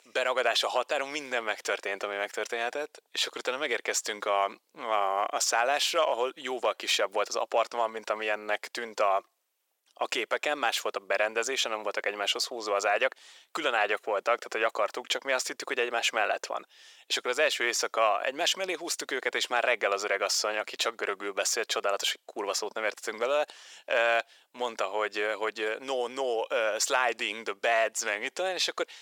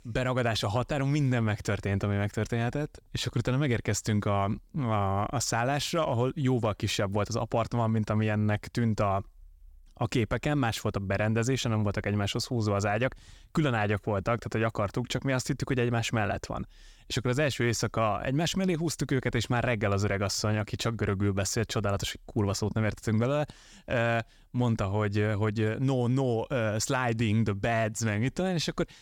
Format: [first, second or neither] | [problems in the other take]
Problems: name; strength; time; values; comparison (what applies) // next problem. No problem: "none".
second | thin; very; fading below 450 Hz